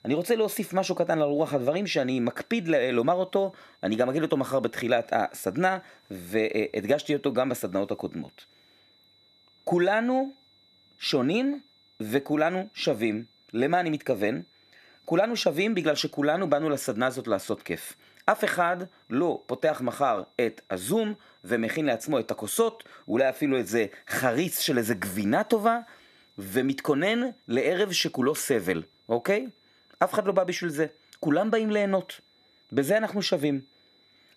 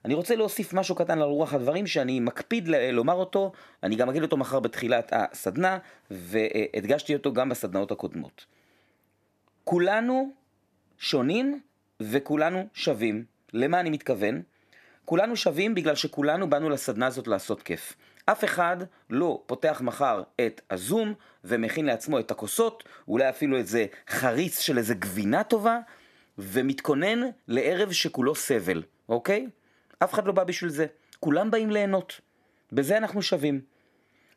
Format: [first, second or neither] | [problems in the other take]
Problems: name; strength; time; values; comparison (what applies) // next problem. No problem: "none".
second | high-pitched whine; faint; throughout; 4 kHz, 35 dB below the speech